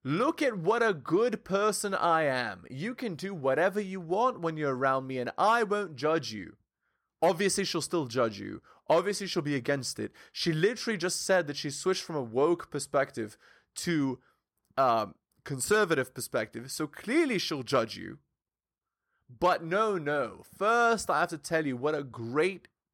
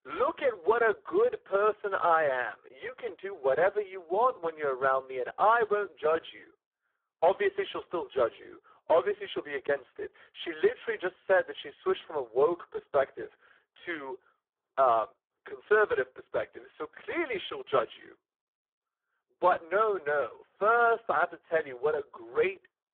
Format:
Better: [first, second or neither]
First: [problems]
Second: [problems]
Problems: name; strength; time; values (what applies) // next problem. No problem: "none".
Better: first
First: none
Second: phone-call audio; poor line